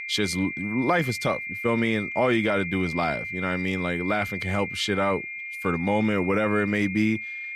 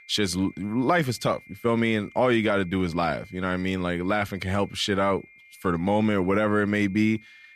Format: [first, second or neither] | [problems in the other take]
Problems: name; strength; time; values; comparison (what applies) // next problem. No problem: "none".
second | high-pitched whine; loud; throughout; 2 kHz, 6 dB below the speech; faint in the second